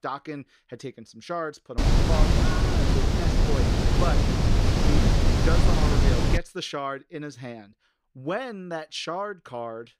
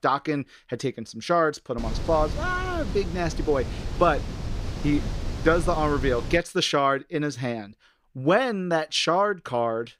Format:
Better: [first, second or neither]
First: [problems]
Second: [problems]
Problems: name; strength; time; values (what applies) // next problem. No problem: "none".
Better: second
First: wind noise on the microphone; heavy; from 2 to 6.5 s; 4 dB above the speech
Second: wind noise on the microphone; occasional gusts; from 2 to 6.5 s; 15 dB below the speech